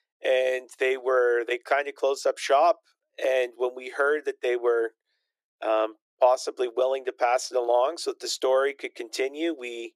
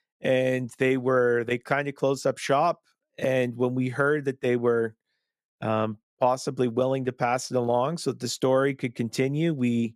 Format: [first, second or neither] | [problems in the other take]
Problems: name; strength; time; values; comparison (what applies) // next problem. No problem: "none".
second | thin; very; fading below 300 Hz